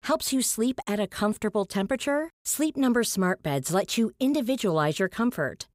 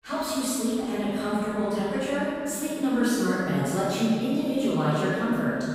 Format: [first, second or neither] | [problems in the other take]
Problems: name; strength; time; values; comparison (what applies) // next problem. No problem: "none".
first | room echo; strong; dies away in 2.4 s // off-mic speech; far